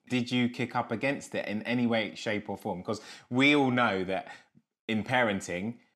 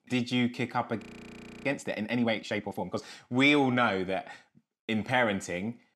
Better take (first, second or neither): first